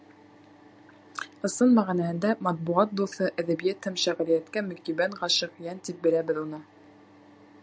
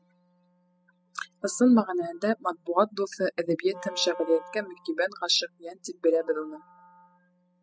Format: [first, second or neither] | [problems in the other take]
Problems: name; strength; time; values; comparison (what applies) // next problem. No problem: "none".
first | noise reduction (classical method spectral subtraction)